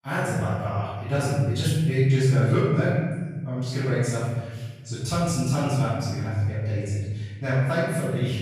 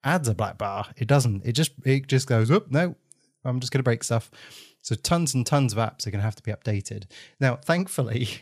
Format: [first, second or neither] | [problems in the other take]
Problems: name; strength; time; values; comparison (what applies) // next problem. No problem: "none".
second | off-mic speech; far // room echo; strong; dies away in 1.4 s